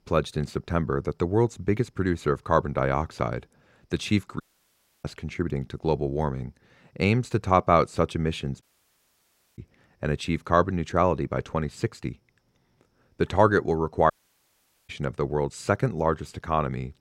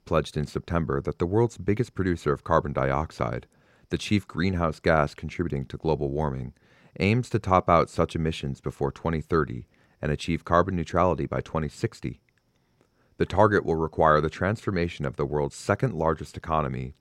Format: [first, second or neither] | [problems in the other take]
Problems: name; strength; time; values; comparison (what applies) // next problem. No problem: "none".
second | audio cutting out; at 4.5 s for 0.5 s, at 8.5 s for 1 s and at 14 s for 1 s